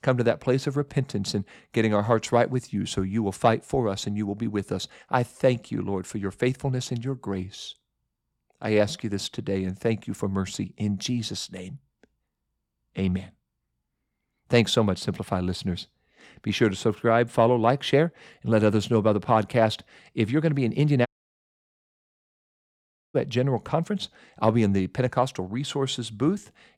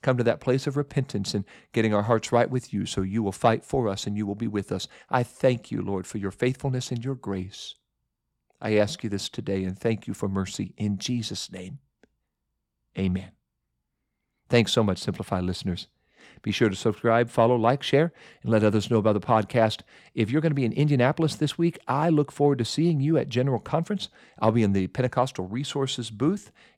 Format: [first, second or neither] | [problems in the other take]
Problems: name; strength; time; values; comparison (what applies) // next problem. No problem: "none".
second | audio cutting out; at 21 s for 2 s